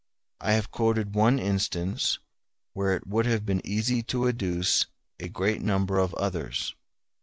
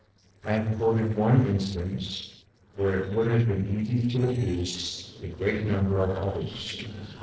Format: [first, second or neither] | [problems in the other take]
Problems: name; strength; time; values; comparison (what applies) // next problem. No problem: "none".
first | noise reduction (neural separator model SepFormer DNS4)